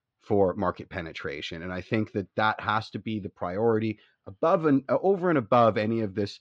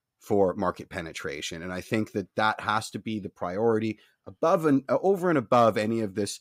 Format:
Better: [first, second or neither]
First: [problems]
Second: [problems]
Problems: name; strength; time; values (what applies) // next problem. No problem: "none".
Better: second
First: muffled; very slightly; fading above 4.5 kHz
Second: none